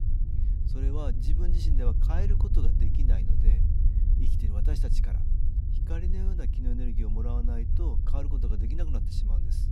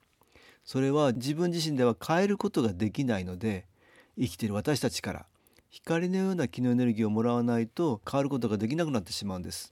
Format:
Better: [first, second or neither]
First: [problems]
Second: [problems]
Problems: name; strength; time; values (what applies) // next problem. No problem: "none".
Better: second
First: low rumble; loud; throughout; 3 dB below the speech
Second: none